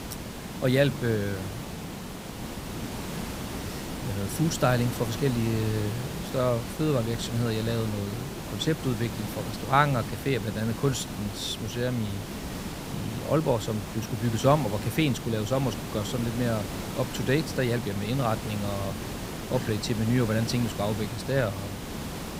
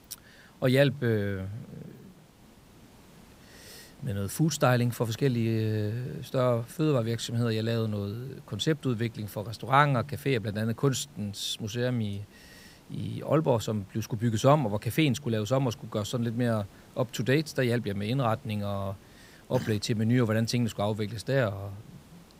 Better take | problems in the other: second | hiss; loud; throughout; 7 dB below the speech; faint in the second

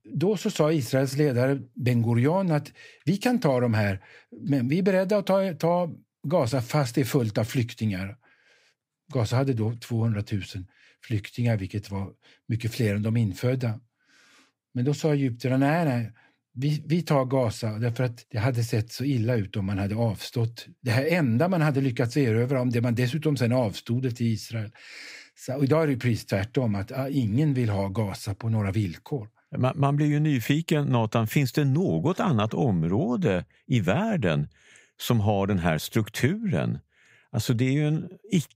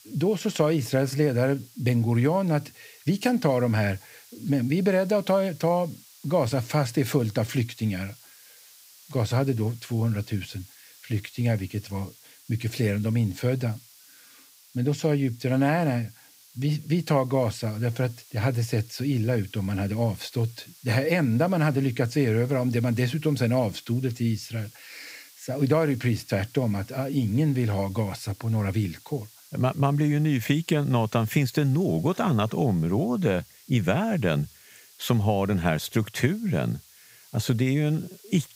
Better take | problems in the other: first | hiss; faint; throughout; 25 dB below the speech

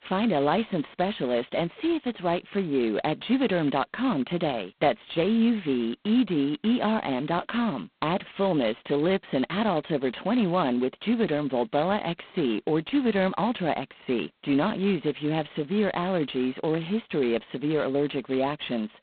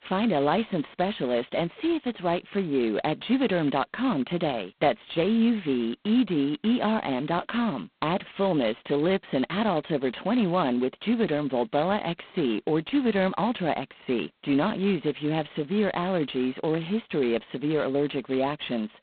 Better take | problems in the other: neither | phone-call audio; poor line; nothing above 4 kHz; the same in both

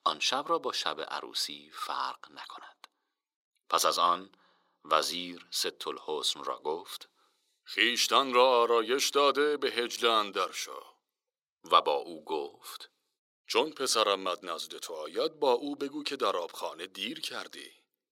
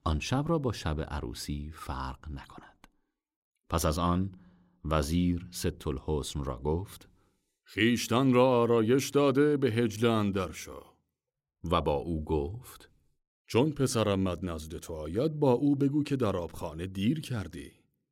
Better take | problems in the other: second | thin; very; fading below 450 Hz

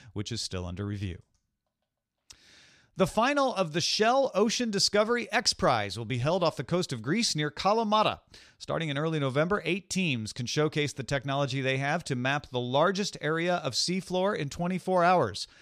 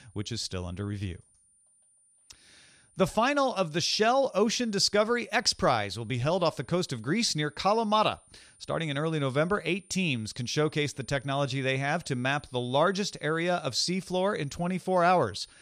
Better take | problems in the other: first | high-pitched whine; faint; throughout; 9 kHz, 30 dB below the speech

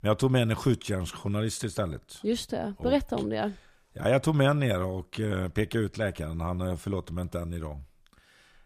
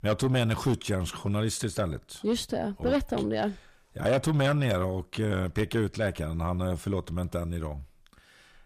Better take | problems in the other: first | distortion; slight; 10 dB below the speech

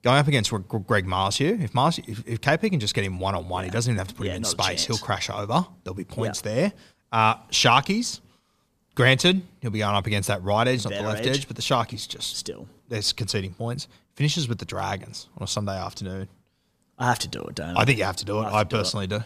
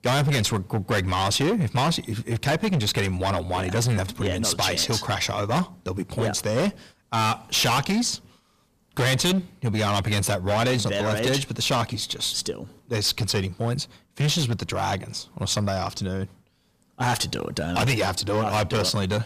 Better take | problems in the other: first | distortion; heavy; 15% of the sound clipped

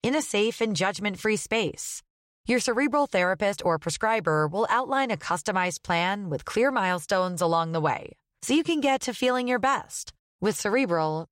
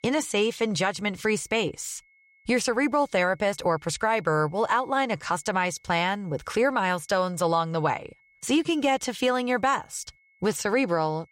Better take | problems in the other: first | high-pitched whine; faint; throughout; 2 kHz, 35 dB below the speech

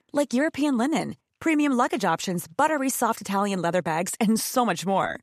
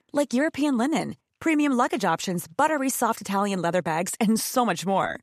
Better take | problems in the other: neither | none

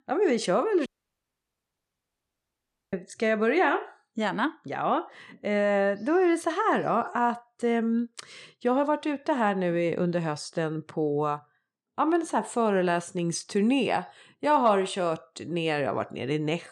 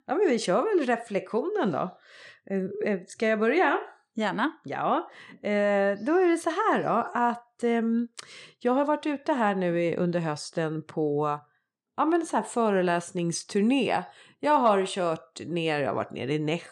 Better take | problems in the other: second | audio cutting out; at 1 s for 2 s

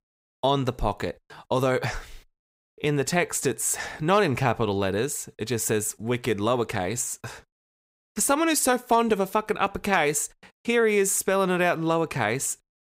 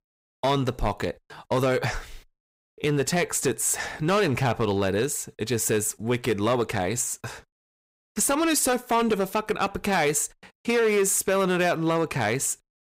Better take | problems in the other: first | distortion; slight; 6% of the sound clipped

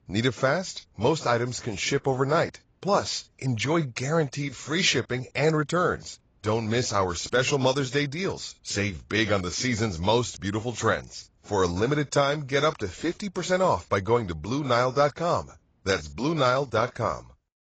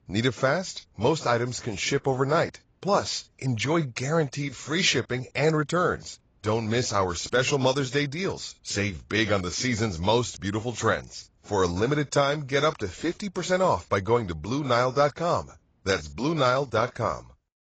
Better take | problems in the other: neither | garbled, watery; badly; nothing above 7.5 kHz; the same in both

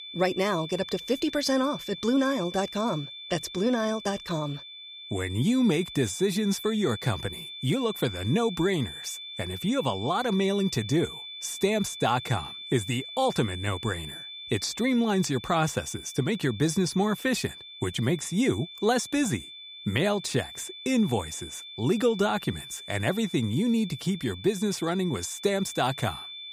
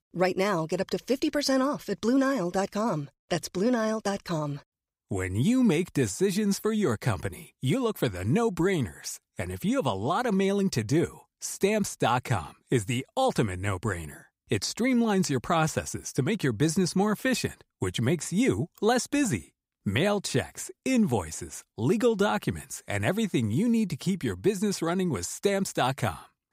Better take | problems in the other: second | high-pitched whine; noticeable; throughout; 3.5 kHz, 10 dB below the speech

